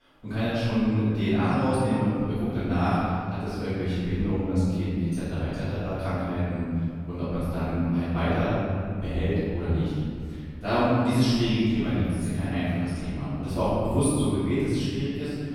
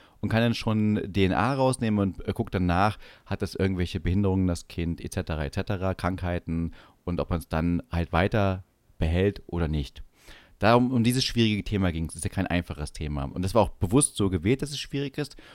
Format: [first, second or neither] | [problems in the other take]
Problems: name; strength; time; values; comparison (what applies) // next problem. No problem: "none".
second | off-mic speech; far // room echo; strong; dies away in 2.3 s